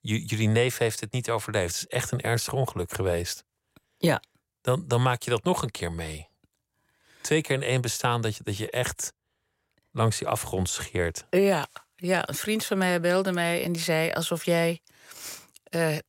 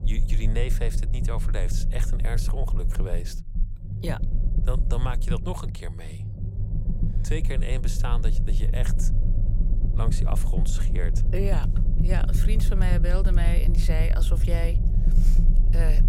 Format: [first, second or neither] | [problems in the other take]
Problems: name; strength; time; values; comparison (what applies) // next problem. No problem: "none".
first | low rumble; loud; throughout; 6 dB below the speech